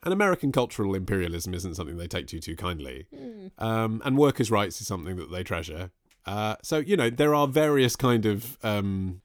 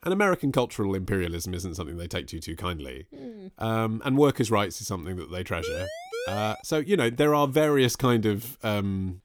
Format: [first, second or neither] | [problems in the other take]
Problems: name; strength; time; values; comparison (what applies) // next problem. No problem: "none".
first | siren; noticeable; from 5.5 to 6.5 s; peak 7 dB below the speech